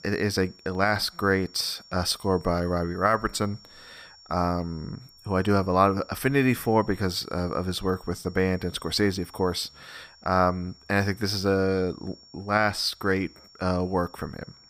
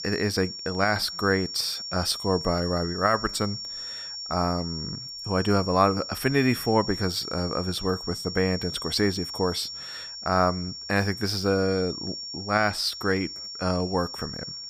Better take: first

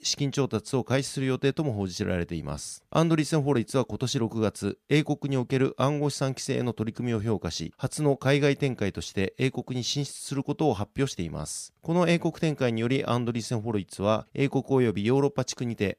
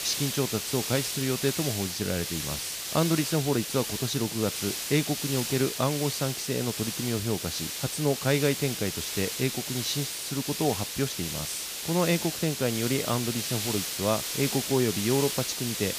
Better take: first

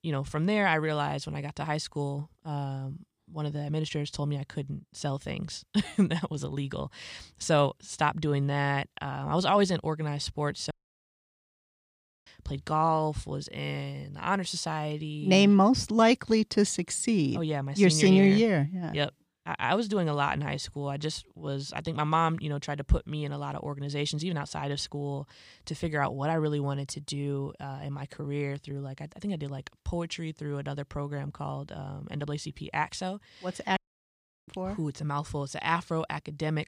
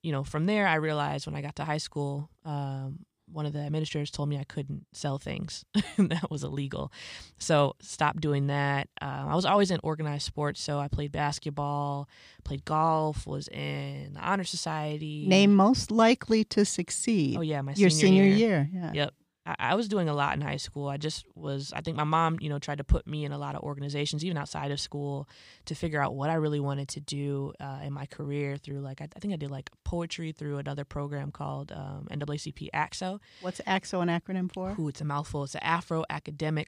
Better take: second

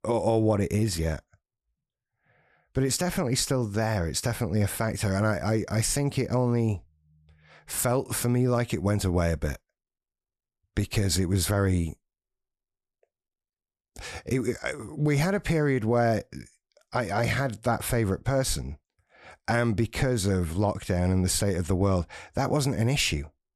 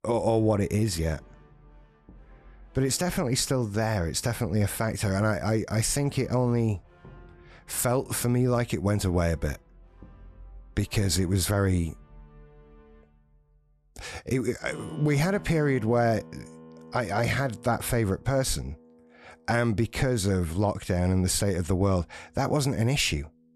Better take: first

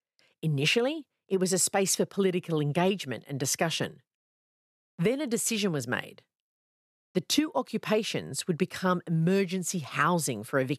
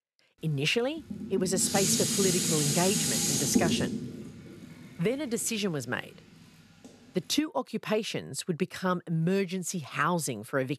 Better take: first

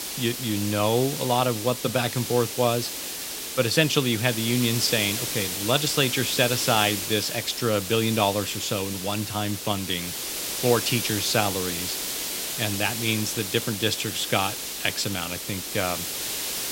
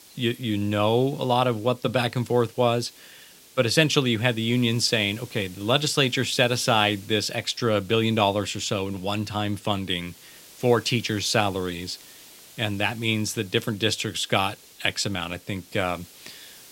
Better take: second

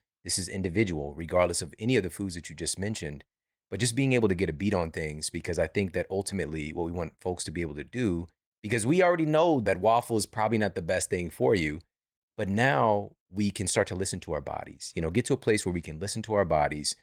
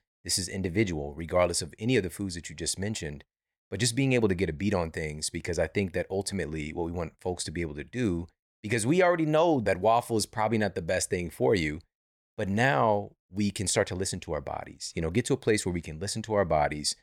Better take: second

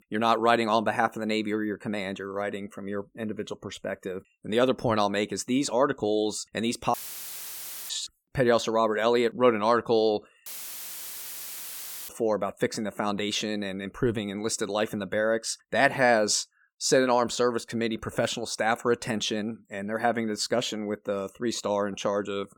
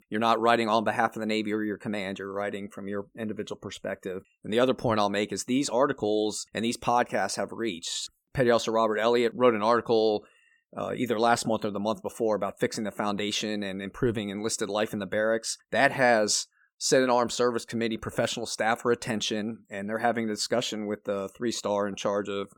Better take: second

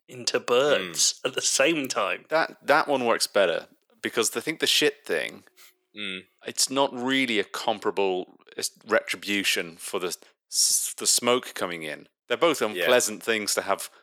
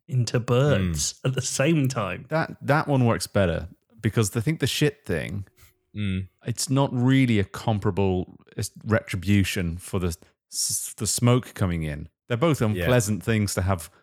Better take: second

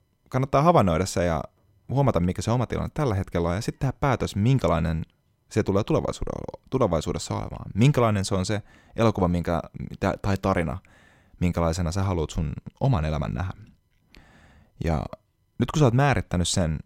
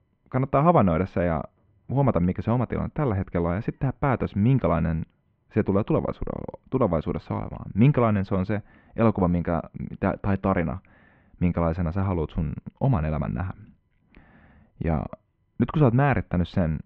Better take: first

